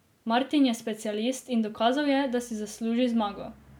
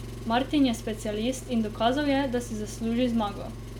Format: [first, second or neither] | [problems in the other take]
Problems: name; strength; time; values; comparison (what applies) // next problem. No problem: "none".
first | background sound (Engine); 11 dB below the speech